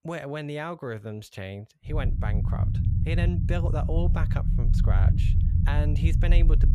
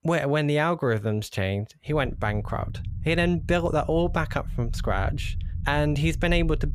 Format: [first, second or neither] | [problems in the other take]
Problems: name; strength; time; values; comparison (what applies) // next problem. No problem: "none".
second | low rumble; loud; from 2 s on; 5 dB below the speech; faint in the second